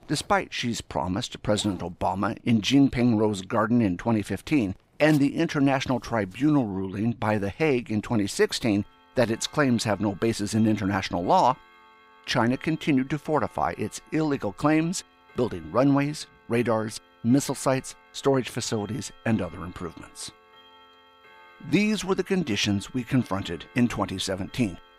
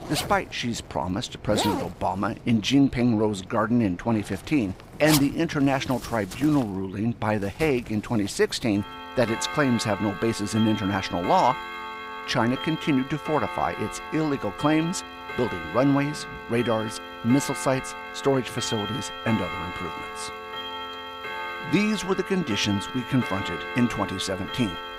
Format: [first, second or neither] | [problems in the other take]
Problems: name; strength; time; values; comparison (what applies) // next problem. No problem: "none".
first | household noises; loud; throughout; 8 dB below the speech; faint in the first